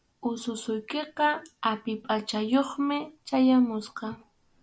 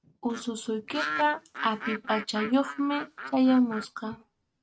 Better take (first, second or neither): first